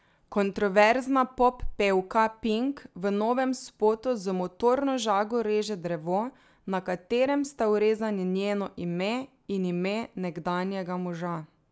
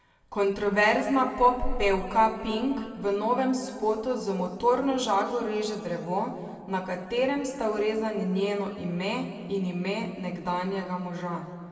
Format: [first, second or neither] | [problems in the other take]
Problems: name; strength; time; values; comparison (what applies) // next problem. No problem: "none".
first | room echo; dies away in 1.9 s